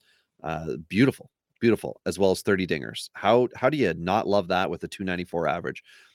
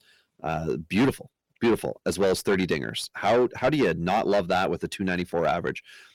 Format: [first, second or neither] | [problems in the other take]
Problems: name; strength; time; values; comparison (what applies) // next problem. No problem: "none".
first | distortion; heavy; 8 dB below the speech